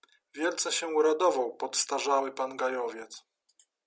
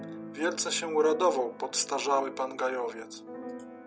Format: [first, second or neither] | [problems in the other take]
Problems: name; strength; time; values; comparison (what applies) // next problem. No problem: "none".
first | background sound (Keyboard (musical)); 13 dB below the speech